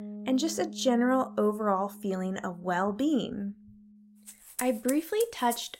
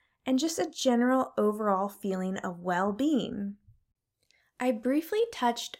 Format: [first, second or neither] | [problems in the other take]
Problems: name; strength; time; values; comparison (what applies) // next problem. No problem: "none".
second | background music; noticeable; throughout; 15 dB below the speech